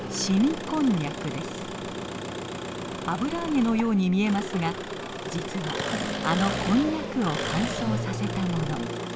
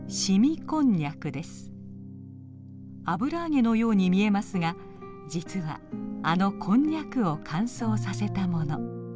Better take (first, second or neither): second